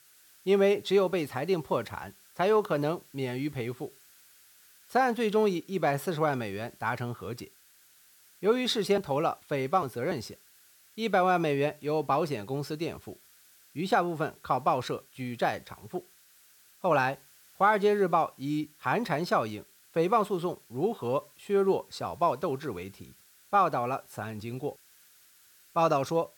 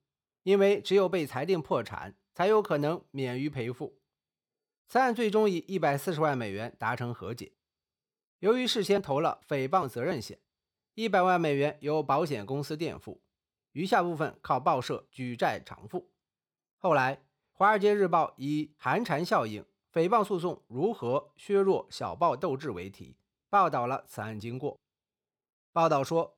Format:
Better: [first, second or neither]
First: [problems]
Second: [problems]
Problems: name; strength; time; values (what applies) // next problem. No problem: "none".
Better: second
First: hiss; faint; throughout; 25 dB below the speech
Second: none